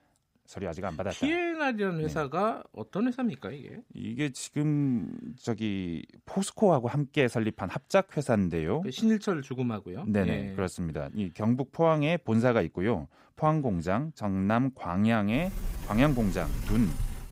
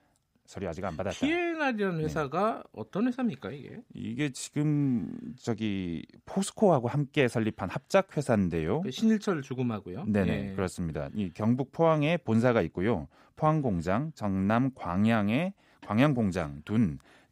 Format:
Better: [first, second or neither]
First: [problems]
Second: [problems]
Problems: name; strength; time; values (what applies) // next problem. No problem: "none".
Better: second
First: door banging; noticeable; from 15 s on; peak 7 dB below the speech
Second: none